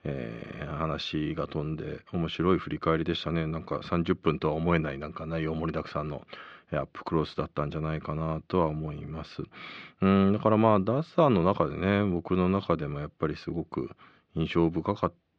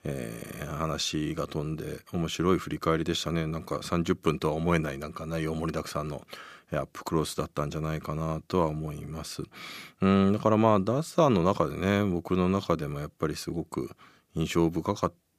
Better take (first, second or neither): second